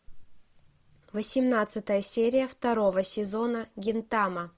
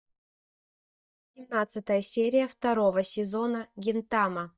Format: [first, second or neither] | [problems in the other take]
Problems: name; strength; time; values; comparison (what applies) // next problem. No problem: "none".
first | noise reduction (neural mask model DeepFilterNet 3)